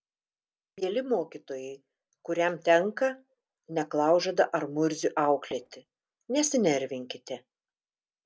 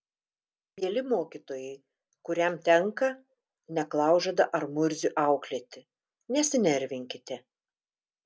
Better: second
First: background sound (Tap); 18 dB below the speech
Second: none

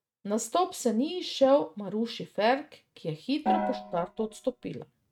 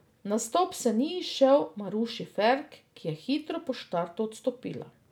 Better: second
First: noise reduction (neural mask model RNNoise)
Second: none

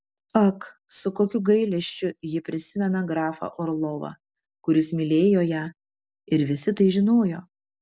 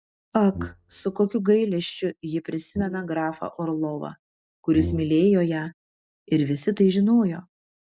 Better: first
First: none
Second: noise reduction (neural mask model DeepFilterNet 3)

